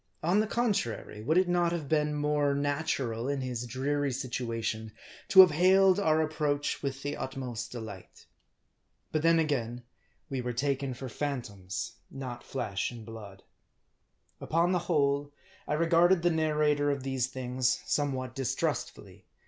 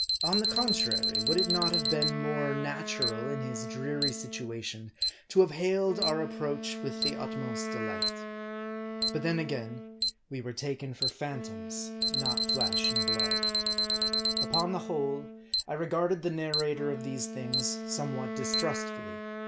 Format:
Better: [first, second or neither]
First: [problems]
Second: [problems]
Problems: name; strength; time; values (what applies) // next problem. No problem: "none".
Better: first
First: none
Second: background sound (Alarm + Wind instrument, woodwind instrument); 1 dB above the speech